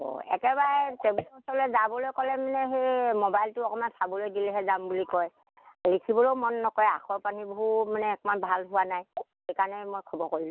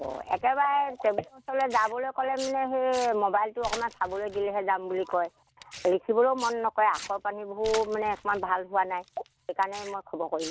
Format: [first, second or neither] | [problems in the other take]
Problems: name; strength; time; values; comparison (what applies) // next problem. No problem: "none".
first | background sound (Tearing); 18 dB below the speech